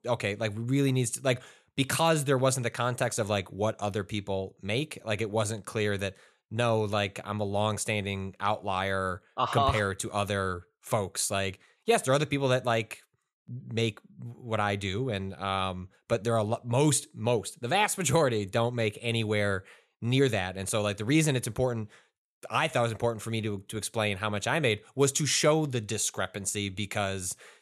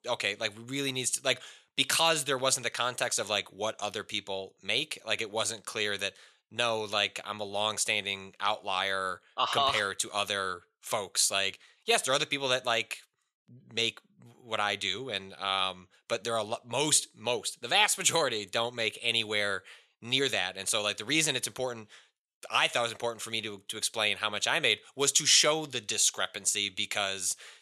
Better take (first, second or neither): first